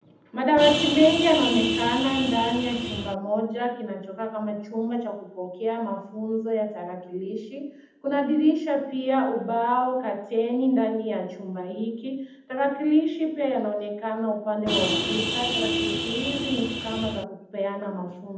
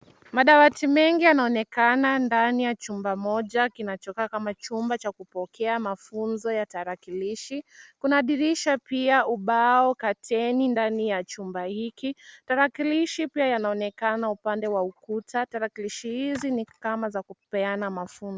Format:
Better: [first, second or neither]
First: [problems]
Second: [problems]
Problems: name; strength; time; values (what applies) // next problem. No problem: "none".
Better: second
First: background sound (Vehicle horn, car horn, honking); 2 dB below the speech // room echo; dies away in 0.8 s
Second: none